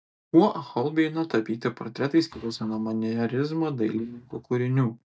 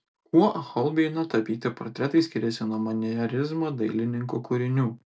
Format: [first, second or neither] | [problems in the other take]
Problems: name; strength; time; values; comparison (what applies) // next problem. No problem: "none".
second | noise reduction (neural mask model DeepFilterNet 3)